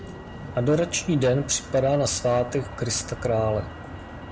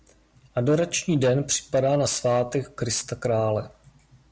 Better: second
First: background sound (Motor vehicle (road)); 12 dB below the speech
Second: none

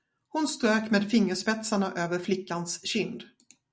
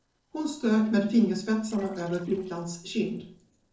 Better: first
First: none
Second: noise reduction (neural separator model SepFormer DNS4)

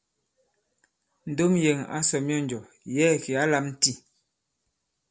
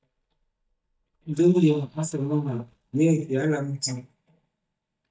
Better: first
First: none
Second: noise reduction (neural mask model DeepFilterNet 3)

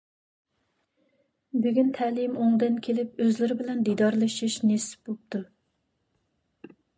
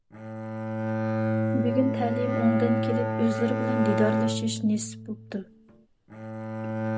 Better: first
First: none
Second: background sound (Bowed string instrument); as loud as the speech

